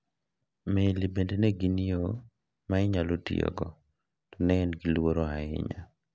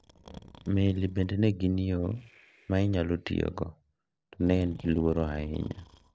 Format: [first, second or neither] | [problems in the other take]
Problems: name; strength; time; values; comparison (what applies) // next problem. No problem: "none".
first | noise reduction (neural separator model SepFormer DNS4)